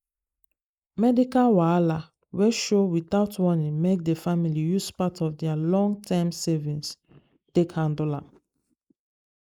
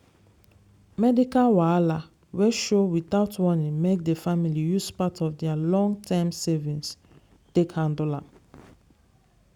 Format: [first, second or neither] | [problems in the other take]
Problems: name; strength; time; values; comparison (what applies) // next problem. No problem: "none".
second | noise reduction (neural mask model Resemble Enhance denoiser)